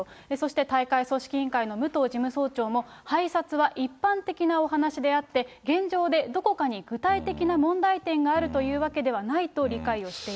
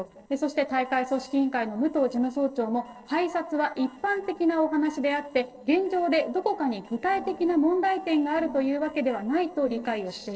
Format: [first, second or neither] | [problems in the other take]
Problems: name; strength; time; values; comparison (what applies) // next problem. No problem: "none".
first | noise reduction (neural separator model SepFormer DNS4)